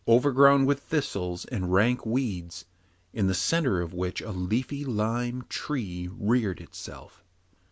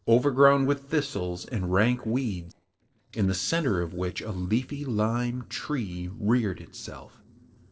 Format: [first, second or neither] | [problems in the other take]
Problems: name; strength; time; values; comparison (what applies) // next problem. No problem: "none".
first | noise reduction (neural separator model SepFormer DNS4)